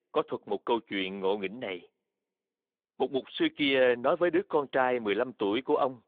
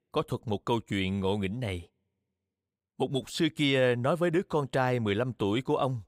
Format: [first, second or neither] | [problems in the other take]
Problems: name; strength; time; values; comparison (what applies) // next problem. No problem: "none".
second | phone-call audio